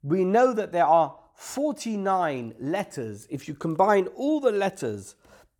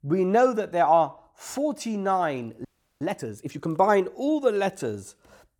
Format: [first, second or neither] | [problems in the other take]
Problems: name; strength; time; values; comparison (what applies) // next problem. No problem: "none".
first | audio freezing; at 2.5 s